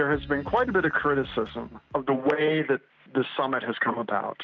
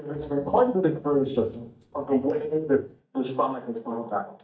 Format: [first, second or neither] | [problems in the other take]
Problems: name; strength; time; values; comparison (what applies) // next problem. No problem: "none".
first | noise reduction (neural mask model DeepFilterNet 3)